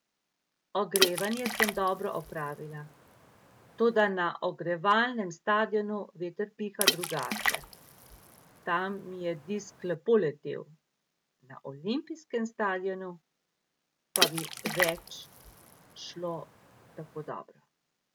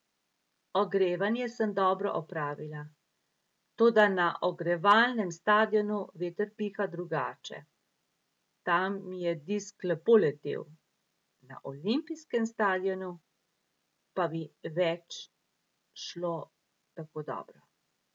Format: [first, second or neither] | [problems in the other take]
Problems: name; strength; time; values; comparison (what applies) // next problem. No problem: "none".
second | background sound (Water / Splash, splatter); 2 dB below the speech